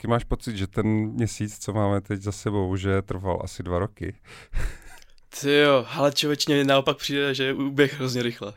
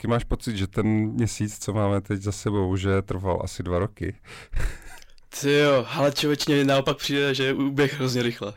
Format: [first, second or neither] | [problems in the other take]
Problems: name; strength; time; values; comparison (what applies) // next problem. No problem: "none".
first | distortion; slight; 10 dB below the speech